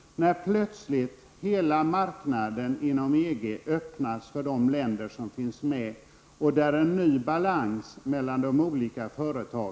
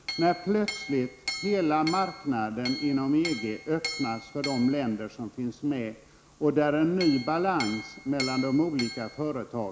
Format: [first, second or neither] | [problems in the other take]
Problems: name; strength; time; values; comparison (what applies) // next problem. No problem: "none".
first | background sound (Chink, clink); 10 dB below the speech